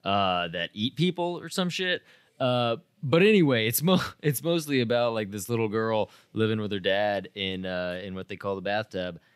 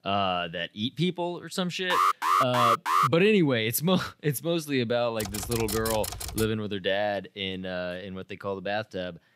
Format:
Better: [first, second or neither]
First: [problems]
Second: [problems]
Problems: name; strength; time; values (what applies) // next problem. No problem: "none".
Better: first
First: none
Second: alarm; loud; from 2 to 3 s; peak 5 dB above the speech // keyboard typing; noticeable; from 5 to 6.5 s; peak 4 dB below the speech